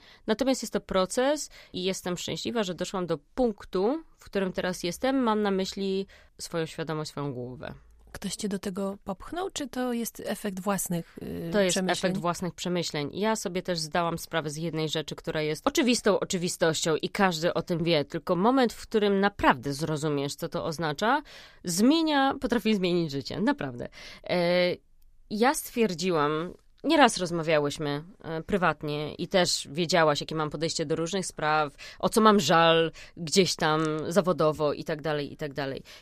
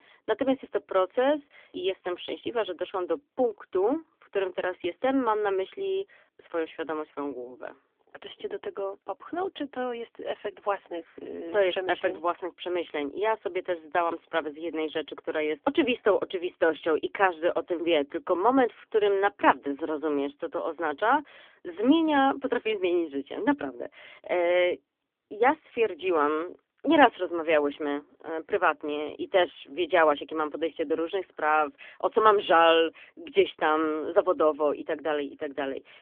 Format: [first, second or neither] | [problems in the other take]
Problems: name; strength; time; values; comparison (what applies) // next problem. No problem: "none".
first | phone-call audio; nothing above 3.5 kHz